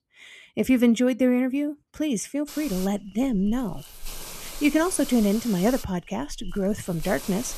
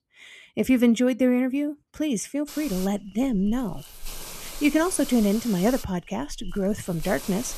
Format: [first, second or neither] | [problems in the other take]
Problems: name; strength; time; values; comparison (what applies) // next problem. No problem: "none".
neither | hiss; noticeable; from 2.5 s on; 15 dB below the speech; the same in both